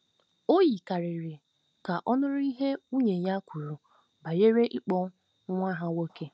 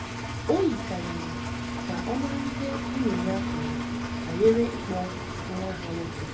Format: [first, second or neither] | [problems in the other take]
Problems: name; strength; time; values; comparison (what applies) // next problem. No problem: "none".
first | background sound (Engine); 2 dB below the speech // room echo; dies away in 0.3 s